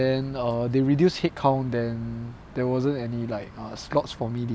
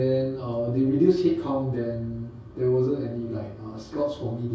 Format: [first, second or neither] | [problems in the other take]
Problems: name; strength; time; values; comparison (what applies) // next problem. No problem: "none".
first | room echo; dies away in 0.6 s